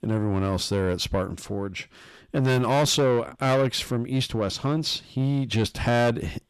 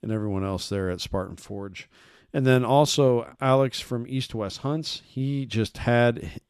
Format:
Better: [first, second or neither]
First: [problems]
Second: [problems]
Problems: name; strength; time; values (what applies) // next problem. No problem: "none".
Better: second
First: distortion; heavy; 7 dB below the speech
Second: none